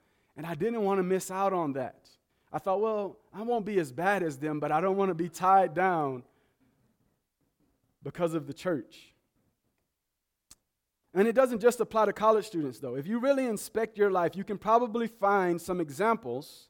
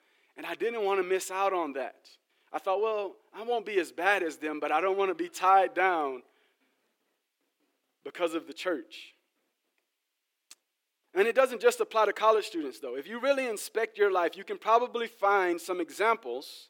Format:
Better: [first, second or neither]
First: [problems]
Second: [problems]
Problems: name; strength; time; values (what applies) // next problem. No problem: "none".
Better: first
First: none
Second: thin; somewhat; fading below 350 Hz